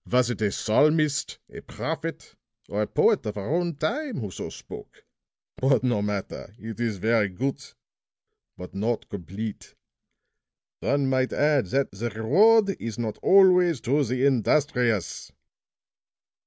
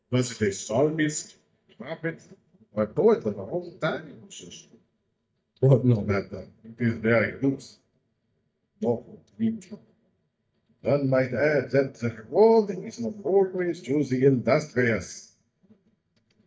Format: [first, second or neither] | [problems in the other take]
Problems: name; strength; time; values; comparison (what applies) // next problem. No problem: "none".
first | noise reduction (neural mask model DeepFilterNet 3)